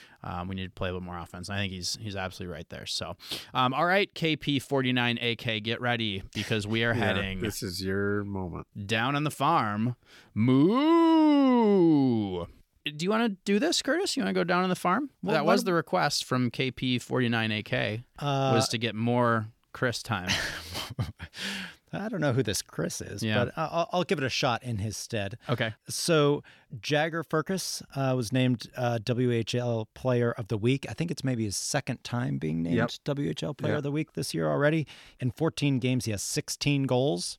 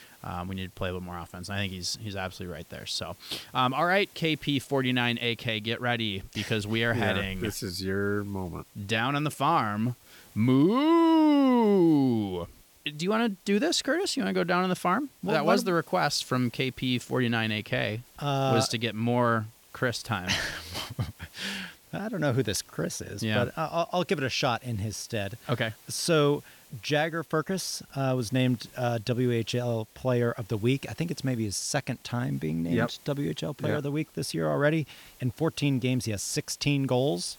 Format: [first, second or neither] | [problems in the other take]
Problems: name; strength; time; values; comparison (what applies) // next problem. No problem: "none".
first | hiss; faint; throughout; 25 dB below the speech